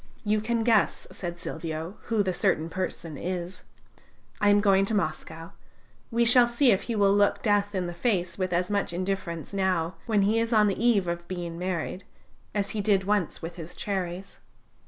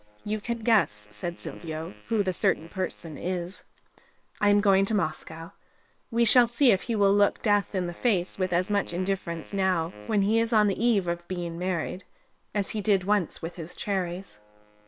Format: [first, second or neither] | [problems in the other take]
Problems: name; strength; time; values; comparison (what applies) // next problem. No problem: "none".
first | noise reduction (neural separator model SepFormer WHAM!)